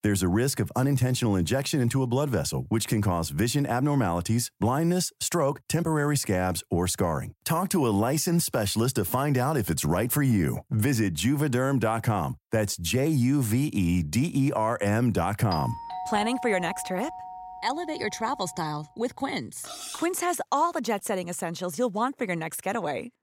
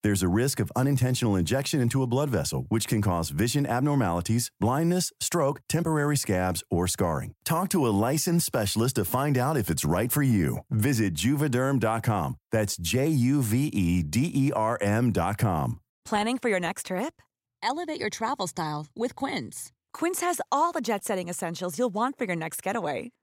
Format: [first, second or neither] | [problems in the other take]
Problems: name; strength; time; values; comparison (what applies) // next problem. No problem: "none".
second | doorbell; noticeable; from 16 to 19 s; peak 8 dB below the speech // clattering dishes; noticeable; at 20 s; peak 10 dB below the speech